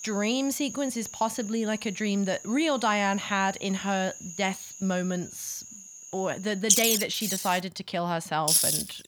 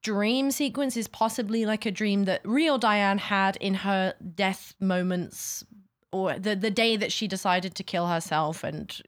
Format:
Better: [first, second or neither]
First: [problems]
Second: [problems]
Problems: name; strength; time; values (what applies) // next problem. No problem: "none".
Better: second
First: animal sounds; loud; throughout; as loud as the speech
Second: none